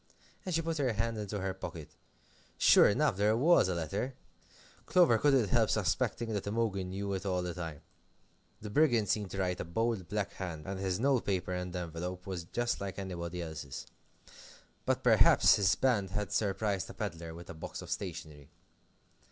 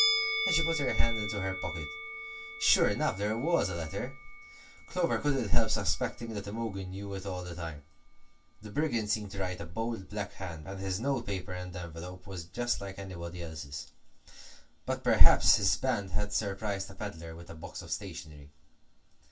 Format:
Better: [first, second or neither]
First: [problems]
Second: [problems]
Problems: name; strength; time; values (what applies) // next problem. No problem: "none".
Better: first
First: none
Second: background sound (Musical instrument); 15 dB below the speech // room echo; dies away in 0.2 s